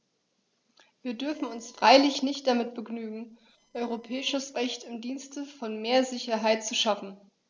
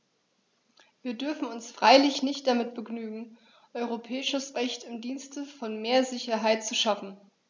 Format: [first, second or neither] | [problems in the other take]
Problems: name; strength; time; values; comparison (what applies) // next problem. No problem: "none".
second | noise reduction (neural separator model SepFormer DNS4)